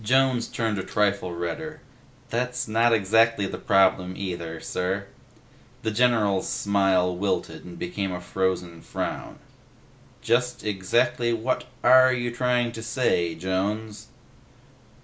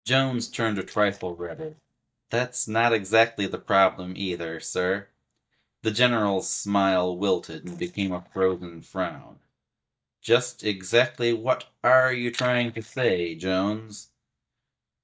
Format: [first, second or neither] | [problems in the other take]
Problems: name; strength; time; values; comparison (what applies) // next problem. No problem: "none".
first | noise reduction (neural mask model DeepFilterNet 3)